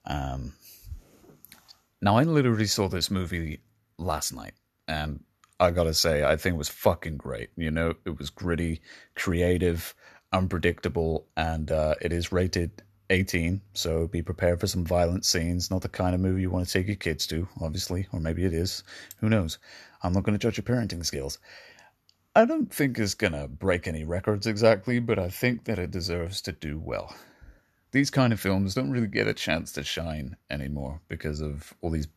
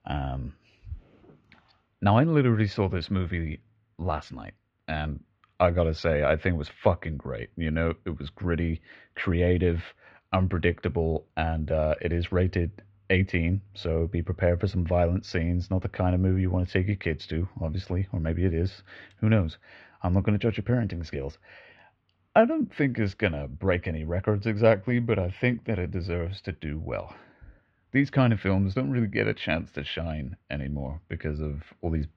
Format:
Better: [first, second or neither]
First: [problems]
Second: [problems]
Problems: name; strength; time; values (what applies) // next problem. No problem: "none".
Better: first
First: none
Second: muffled; very; fading above 3 kHz